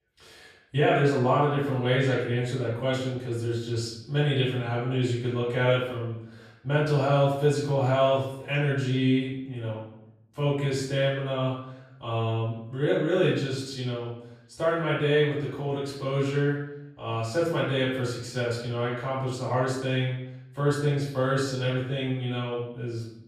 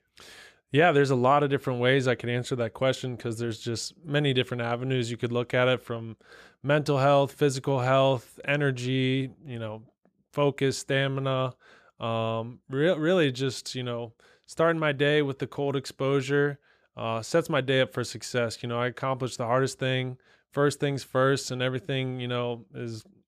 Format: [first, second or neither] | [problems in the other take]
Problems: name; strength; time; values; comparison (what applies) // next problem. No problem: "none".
second | off-mic speech; far // room echo; noticeable; dies away in 0.7 s